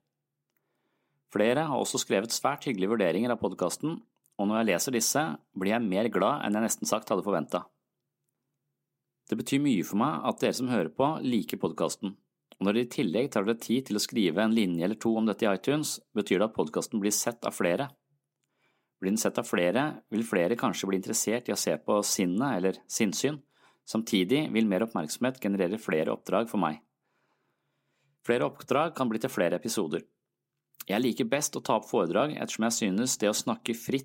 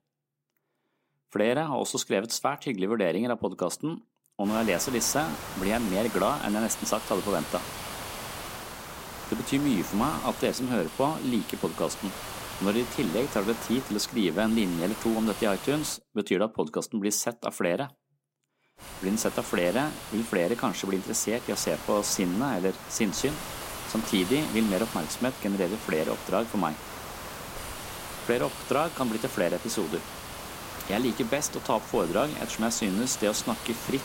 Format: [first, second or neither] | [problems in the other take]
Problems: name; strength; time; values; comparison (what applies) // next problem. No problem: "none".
first | hiss; loud; from 4.5 to 16 s and from 19 s on; 10 dB below the speech